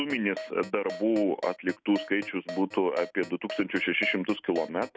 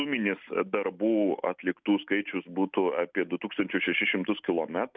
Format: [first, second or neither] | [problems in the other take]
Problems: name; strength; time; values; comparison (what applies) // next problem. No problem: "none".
second | background sound (Keyboard (musical)); 13 dB below the speech